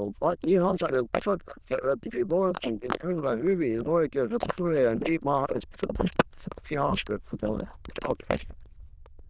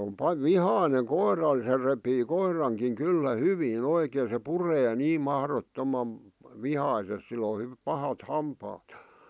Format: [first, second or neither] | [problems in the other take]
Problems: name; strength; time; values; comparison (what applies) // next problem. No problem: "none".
second | noise reduction (neural diffusion model UNIVERSE++)